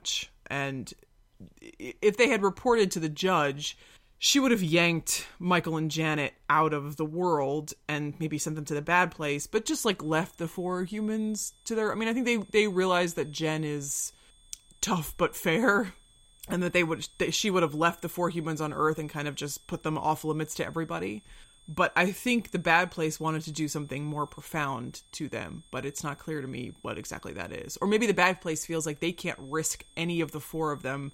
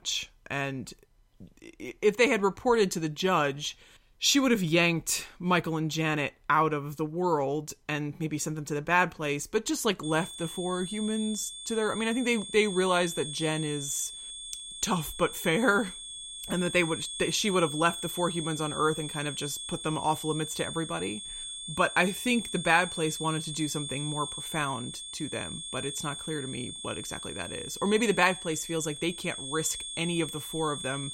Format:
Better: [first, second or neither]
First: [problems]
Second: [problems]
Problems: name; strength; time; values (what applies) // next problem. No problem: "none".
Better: first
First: high-pitched whine; faint; from 10 s on; 3.5 kHz, 30 dB below the speech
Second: high-pitched whine; loud; from 10 s on; 3.5 kHz, 8 dB below the speech